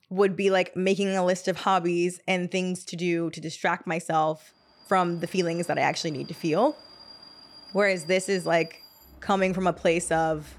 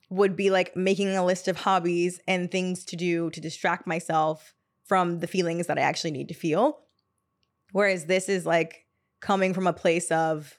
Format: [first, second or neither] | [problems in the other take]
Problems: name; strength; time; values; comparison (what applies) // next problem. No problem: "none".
second | train or aircraft noise; faint; from 5 s on; 20 dB below the speech